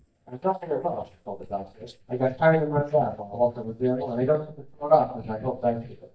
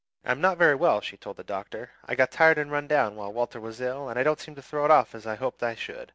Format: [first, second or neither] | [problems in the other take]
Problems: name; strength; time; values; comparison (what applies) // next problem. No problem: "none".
second | noise reduction (neural mask model DeepFilterNet 3)